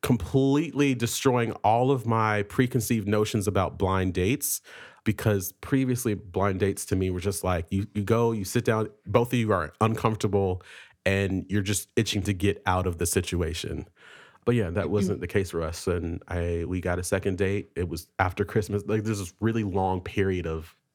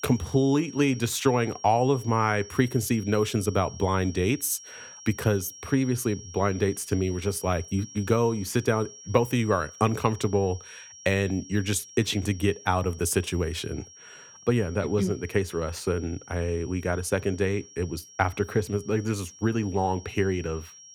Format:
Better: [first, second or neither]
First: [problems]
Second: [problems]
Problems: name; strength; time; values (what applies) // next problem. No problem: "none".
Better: first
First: none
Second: high-pitched whine; noticeable; throughout; 5.5 kHz, 20 dB below the speech